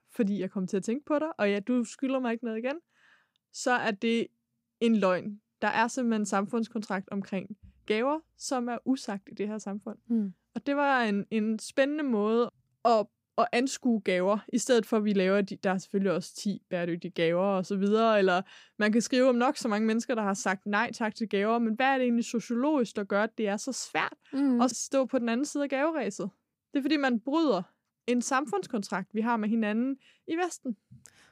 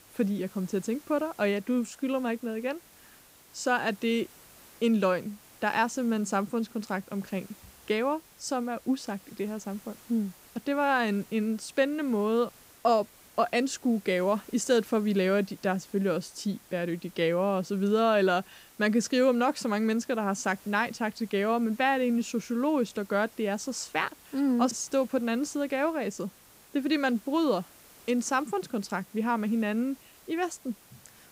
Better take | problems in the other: first | hiss; faint; throughout; 25 dB below the speech

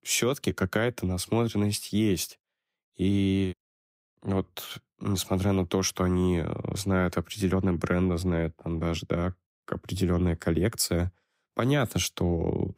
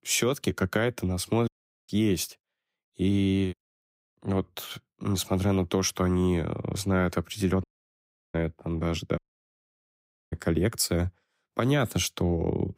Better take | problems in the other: first | audio cutting out; at 1.5 s, at 7.5 s for 0.5 s and at 9 s for 1 s

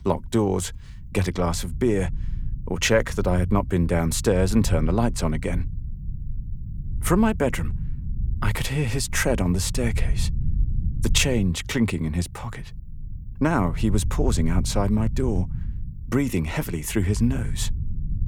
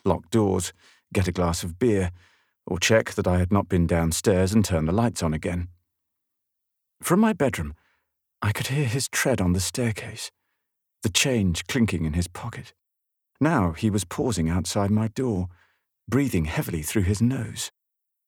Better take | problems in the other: second | low rumble; faint; throughout; 20 dB below the speech

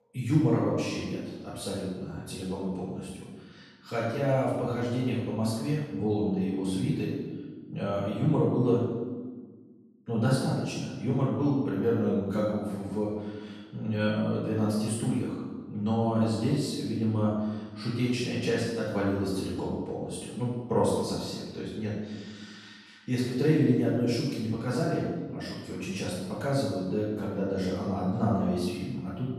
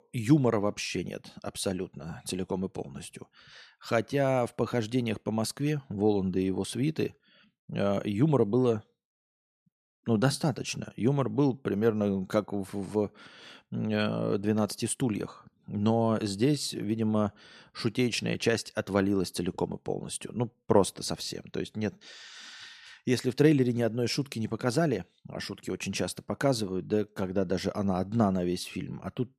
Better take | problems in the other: second | off-mic speech; far // room echo; strong; dies away in 1.2 s

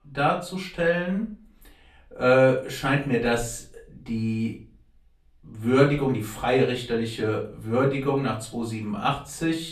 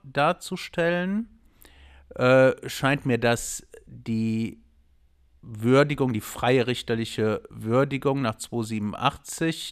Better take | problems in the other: second | off-mic speech; far // room echo; slight; dies away in 0.3 s

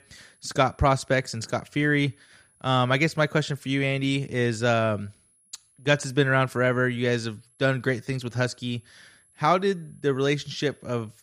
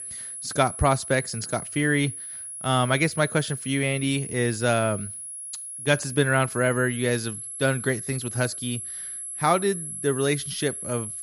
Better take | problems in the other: first | high-pitched whine; loud; throughout; 10.5 kHz, 8 dB below the speech; faint in the first

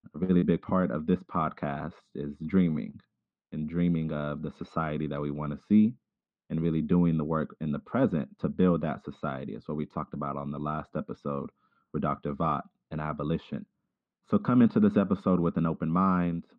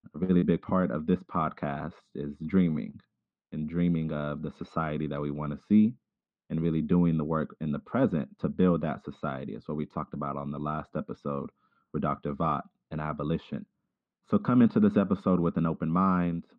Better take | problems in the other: neither | muffled; slightly; fading above 3.5 kHz; the same in both

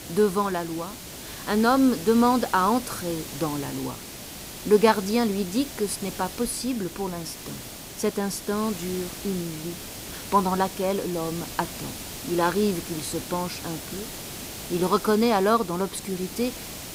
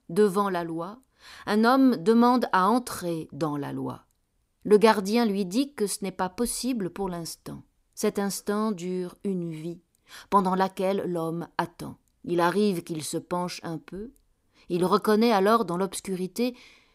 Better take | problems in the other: second | hiss; noticeable; throughout; 10 dB below the speech

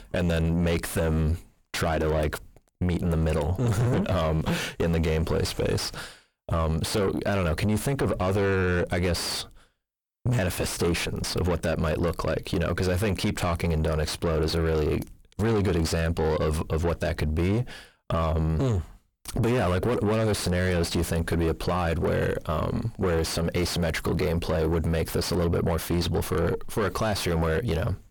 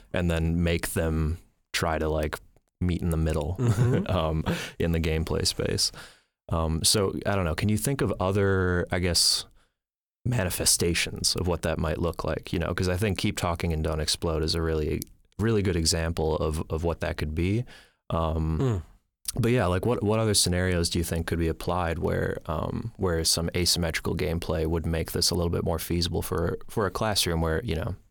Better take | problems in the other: second | distortion; heavy; 5 dB below the speech

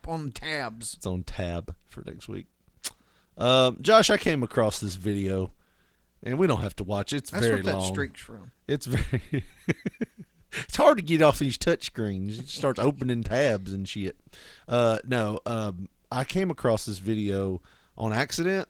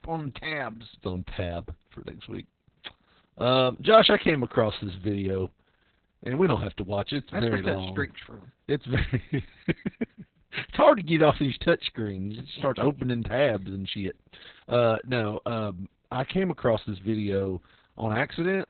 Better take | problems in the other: first | garbled, watery; badly; nothing above 4 kHz; slightly in the first

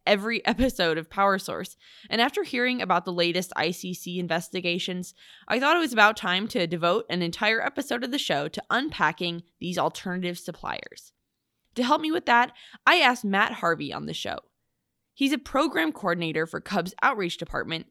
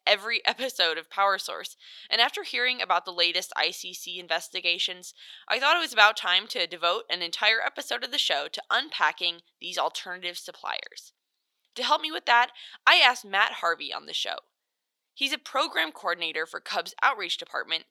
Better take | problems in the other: first | thin; very; fading below 700 Hz

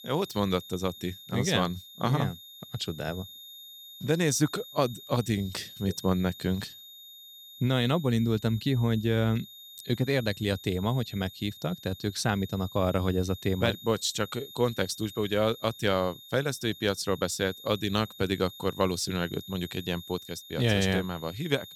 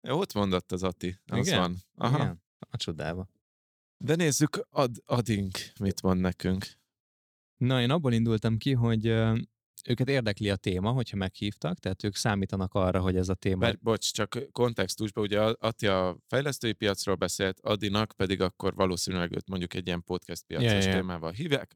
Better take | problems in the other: second | high-pitched whine; noticeable; throughout; 3.5 kHz, 15 dB below the speech

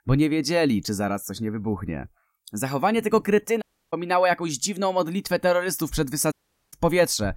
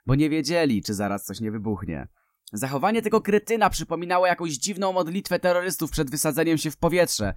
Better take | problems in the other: second | audio cutting out; at 3.5 s and at 6.5 s

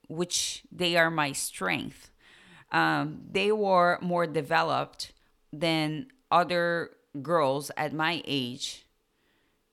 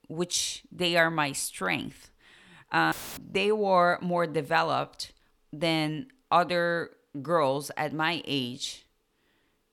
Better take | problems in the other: first | audio cutting out; filled with static; at 3 s

